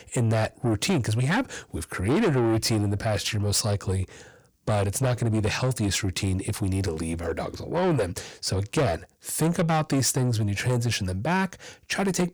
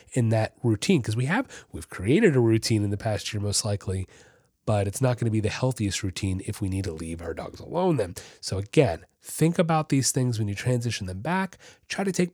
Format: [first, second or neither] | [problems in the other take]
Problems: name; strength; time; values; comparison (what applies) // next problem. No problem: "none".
second | distortion; heavy; 7 dB below the speech